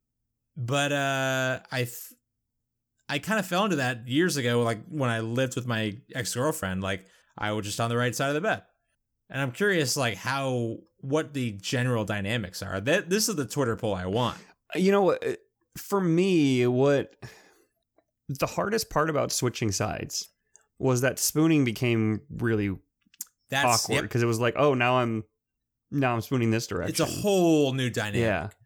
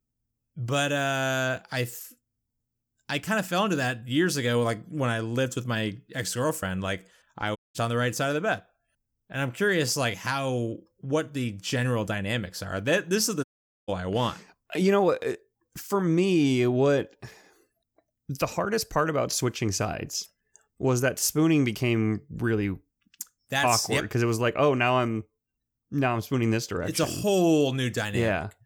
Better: first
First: none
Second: audio cutting out; at 7.5 s and at 13 s

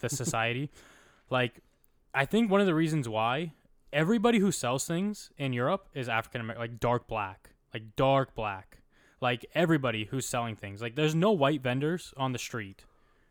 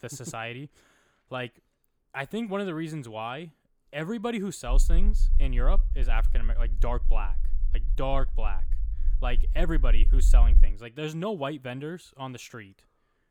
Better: first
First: none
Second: low rumble; noticeable; from 4.5 to 11 s; 20 dB below the speech

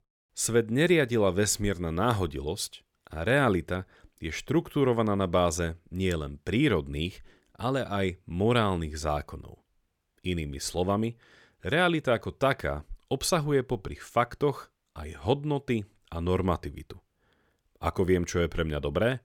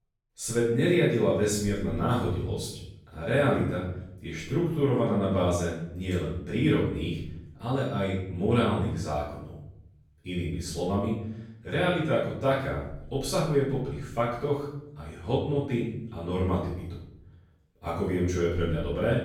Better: first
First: none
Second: off-mic speech; far // room echo; noticeable; dies away in 0.8 s

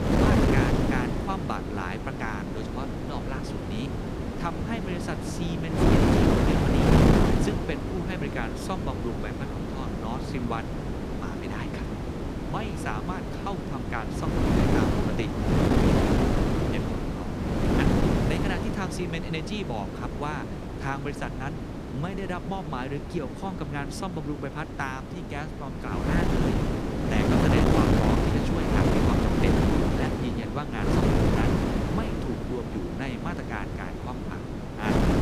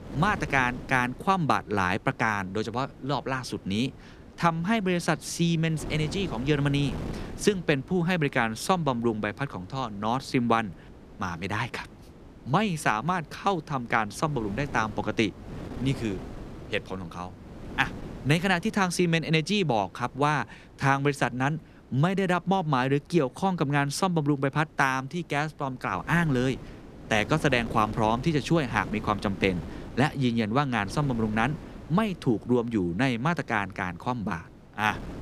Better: second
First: wind noise on the microphone; heavy; 4 dB above the speech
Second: wind noise on the microphone; occasional gusts; 20 dB below the speech

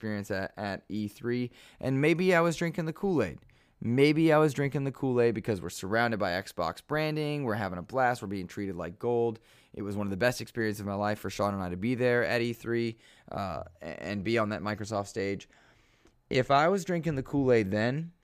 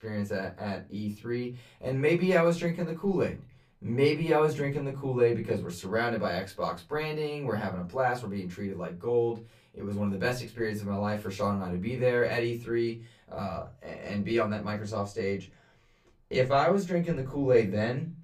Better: first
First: none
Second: off-mic speech; far // room echo; very slight; dies away in 0.2 s

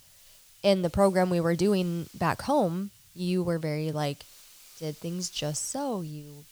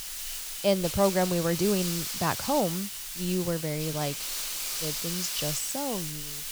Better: first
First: hiss; faint; throughout; 25 dB below the speech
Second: hiss; loud; throughout; 2 dB below the speech

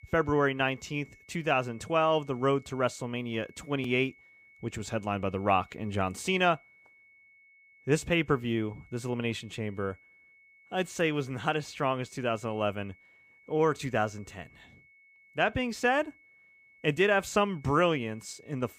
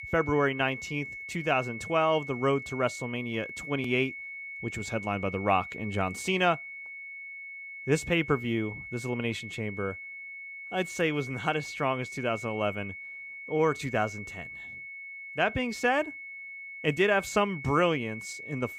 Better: first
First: high-pitched whine; faint; throughout; 2 kHz, 25 dB below the speech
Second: high-pitched whine; loud; throughout; 2 kHz, 10 dB below the speech

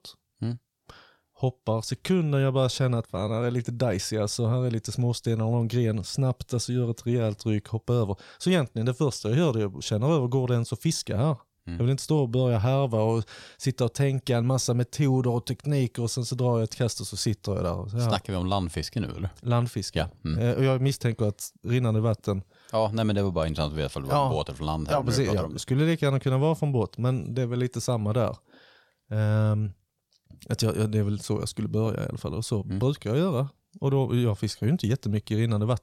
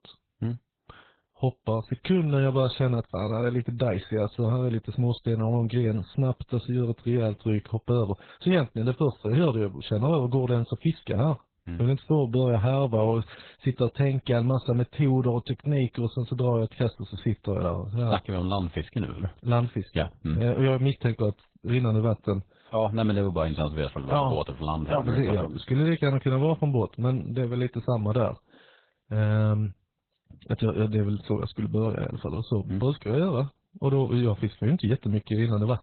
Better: first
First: none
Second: garbled, watery; badly; nothing above 4 kHz

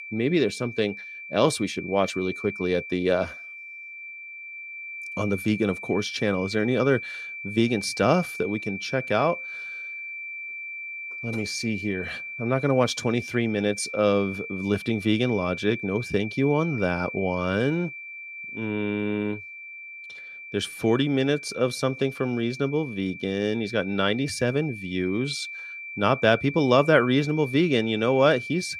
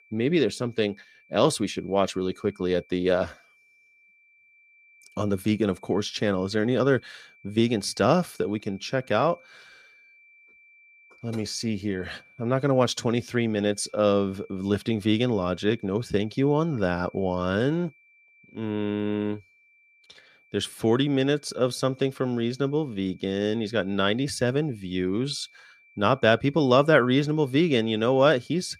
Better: second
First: high-pitched whine; loud; throughout; 2.5 kHz, 10 dB below the speech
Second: high-pitched whine; faint; throughout; 2.5 kHz, 30 dB below the speech

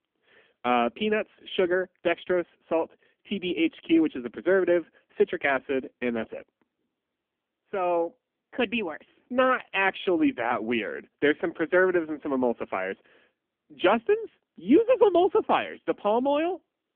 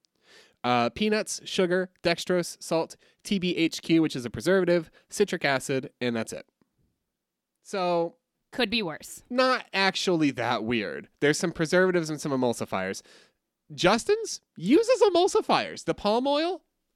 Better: second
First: phone-call audio; poor line; nothing above 3.5 kHz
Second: none

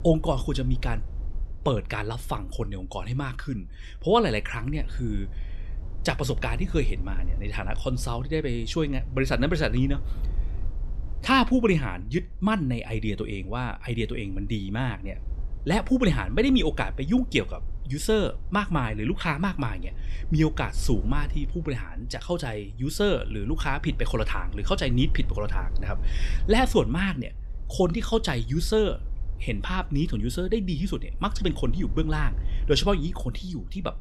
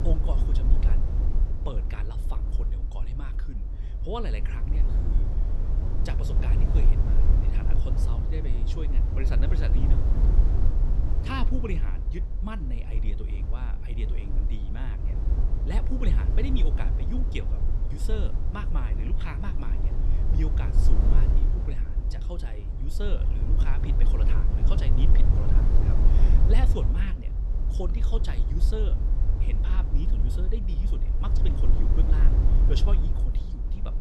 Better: first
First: low rumble; faint; throughout; 25 dB below the speech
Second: low rumble; loud; throughout; 2 dB below the speech

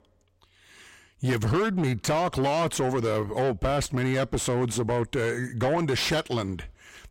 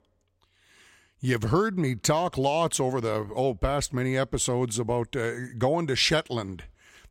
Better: second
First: distortion; heavy; 7 dB below the speech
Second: none

